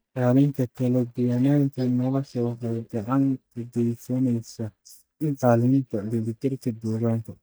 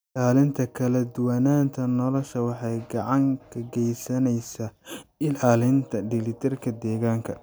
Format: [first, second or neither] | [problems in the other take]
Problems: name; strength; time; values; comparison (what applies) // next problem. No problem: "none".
second | noise reduction (neural mask model DeepFilterNet 3)